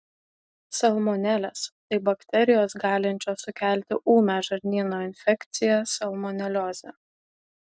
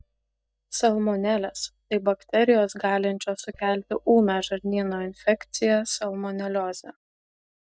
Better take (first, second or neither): first